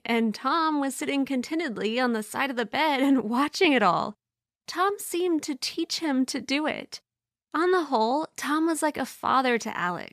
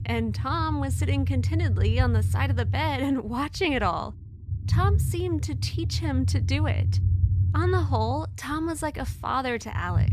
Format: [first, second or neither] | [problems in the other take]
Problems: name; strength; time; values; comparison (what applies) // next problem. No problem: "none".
first | low rumble; noticeable; throughout; 10 dB below the speech